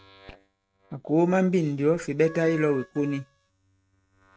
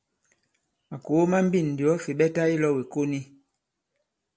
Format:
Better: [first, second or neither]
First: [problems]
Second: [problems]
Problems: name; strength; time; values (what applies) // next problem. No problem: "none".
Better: second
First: noise reduction (neural mask model RNNoise)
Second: none